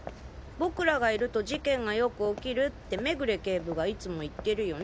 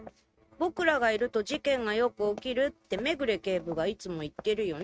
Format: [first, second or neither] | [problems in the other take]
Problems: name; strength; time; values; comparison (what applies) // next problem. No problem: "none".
first | noise reduction (neural mask model RNNoise)